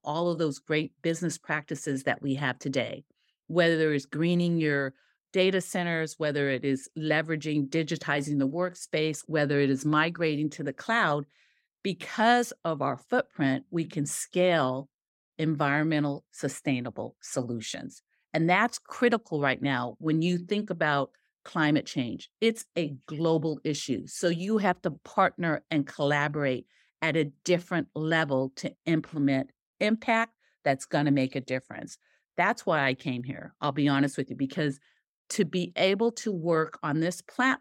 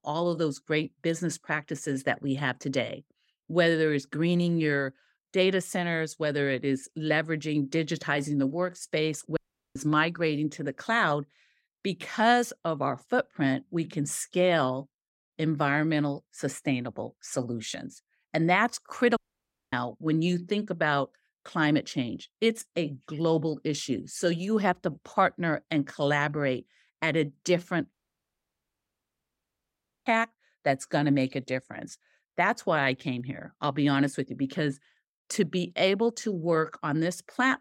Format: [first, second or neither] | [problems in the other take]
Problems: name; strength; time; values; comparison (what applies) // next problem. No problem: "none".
first | audio cutting out; at 9.5 s, at 19 s for 0.5 s and at 28 s for 2 s